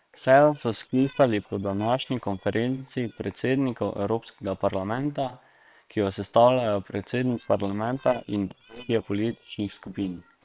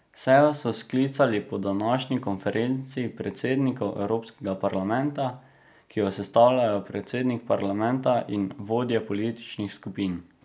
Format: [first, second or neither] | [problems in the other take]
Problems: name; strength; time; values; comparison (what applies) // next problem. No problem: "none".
second | noise reduction (neural separator model SepFormer WHAM!)